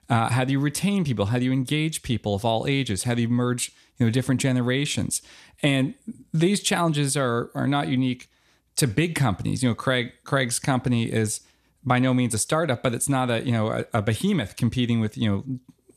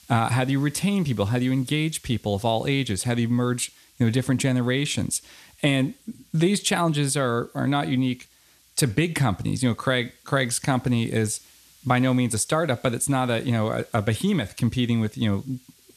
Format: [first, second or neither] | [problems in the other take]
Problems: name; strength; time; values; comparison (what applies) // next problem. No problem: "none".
first | hiss; faint; throughout; 30 dB below the speech